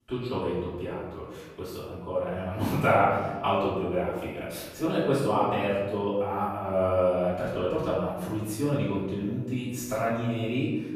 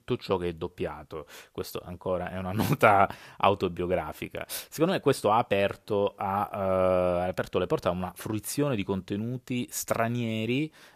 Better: second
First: room echo; strong; dies away in 1.3 s // off-mic speech; far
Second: none

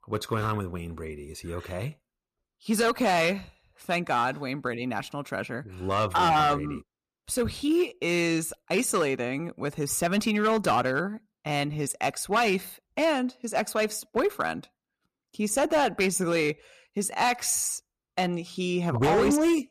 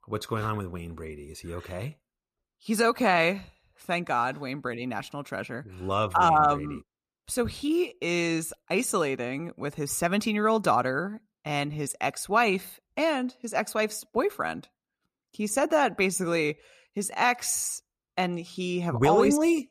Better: second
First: distortion; slight; 5% of the sound clipped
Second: none

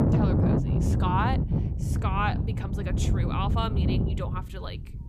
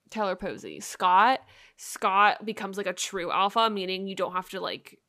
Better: second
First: wind noise on the microphone; heavy; 4 dB below the speech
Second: none

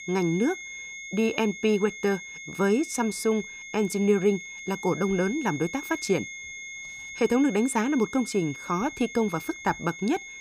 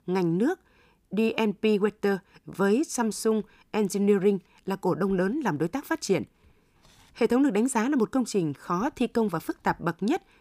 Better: second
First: high-pitched whine; noticeable; throughout; 2 kHz, 10 dB below the speech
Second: none

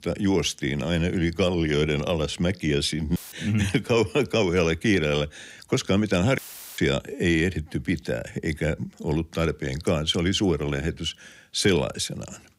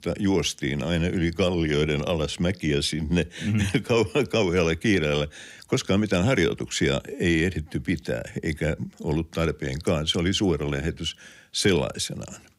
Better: second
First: audio cutting out; filled with static; at 3 s and at 6.5 s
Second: none

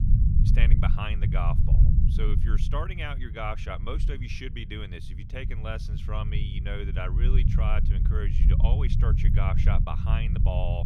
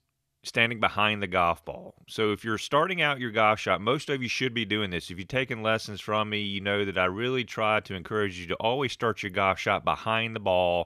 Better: second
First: low rumble; loud; throughout; 5 dB below the speech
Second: none

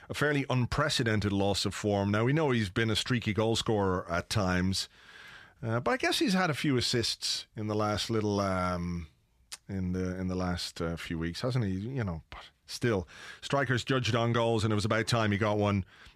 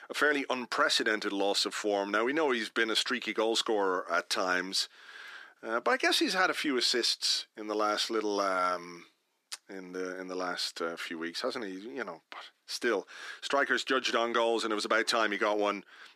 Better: first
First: none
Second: thin; somewhat; fading below 300 Hz

